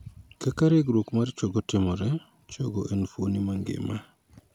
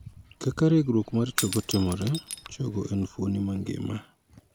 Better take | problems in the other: first | background sound (Shatter / Crushing); 11 dB below the speech

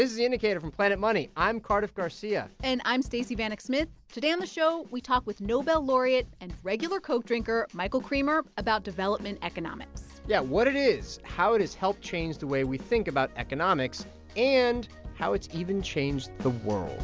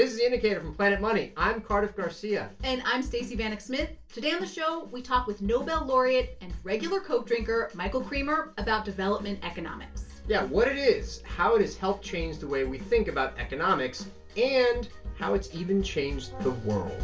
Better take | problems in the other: first | background sound (Brass instrument); 20 dB below the speech // room echo; dies away in 0.2 s

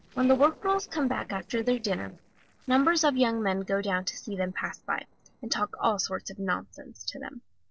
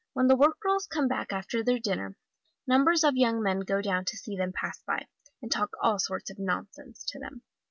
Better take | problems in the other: second | noise reduction (neural separator model SepFormer DNS4)

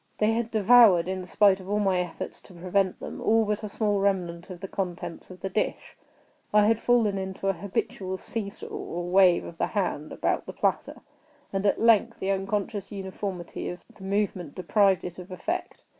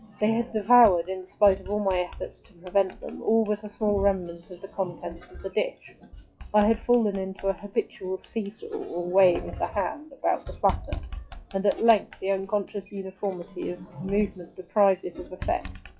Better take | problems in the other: first | noise reduction (classical method log-MMSE)

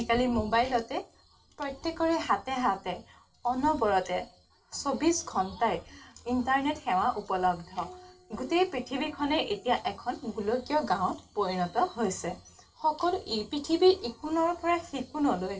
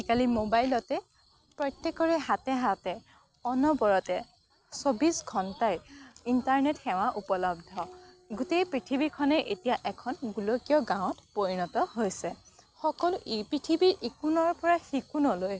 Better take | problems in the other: second | room echo; dies away in 0.2 s

